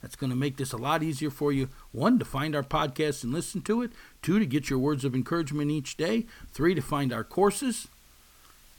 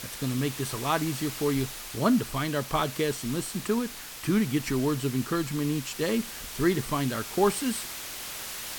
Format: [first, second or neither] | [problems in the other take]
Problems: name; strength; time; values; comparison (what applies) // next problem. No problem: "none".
first | hiss; loud; throughout; 8 dB below the speech; faint in the first